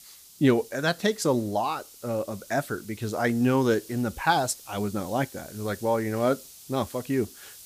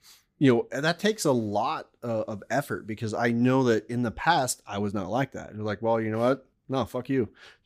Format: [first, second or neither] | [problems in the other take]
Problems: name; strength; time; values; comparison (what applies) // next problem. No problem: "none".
second | hiss; noticeable; throughout; 20 dB below the speech